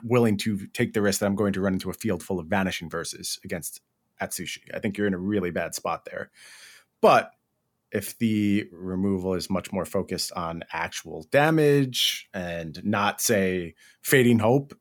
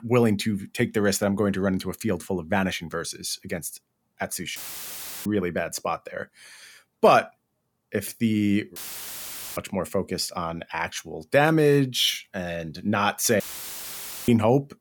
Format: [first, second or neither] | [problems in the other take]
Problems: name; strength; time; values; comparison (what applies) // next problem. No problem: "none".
first | audio cutting out; filled with static; at 4.5 s for 0.5 s, at 9 s for 1 s and at 13 s for 1 s